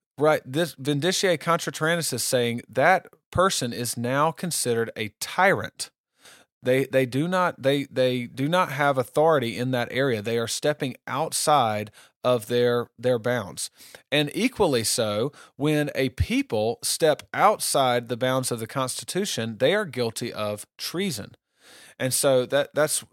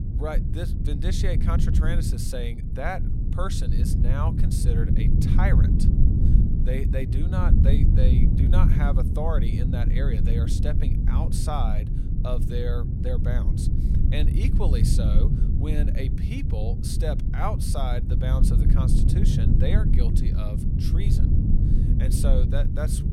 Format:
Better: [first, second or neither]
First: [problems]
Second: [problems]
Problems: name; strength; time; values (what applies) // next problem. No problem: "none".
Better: first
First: none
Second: low rumble; loud; throughout; 2 dB below the speech